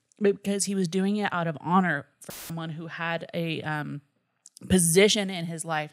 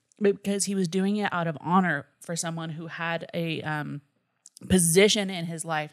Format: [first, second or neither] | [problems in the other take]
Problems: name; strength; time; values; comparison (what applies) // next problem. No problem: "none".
second | audio cutting out; filled with static; at 2.5 s